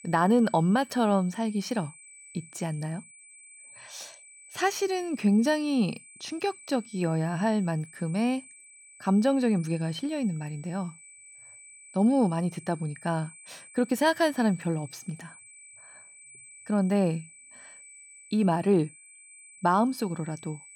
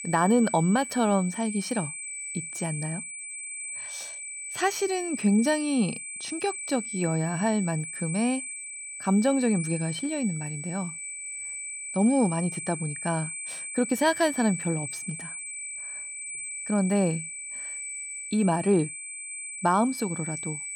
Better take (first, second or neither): first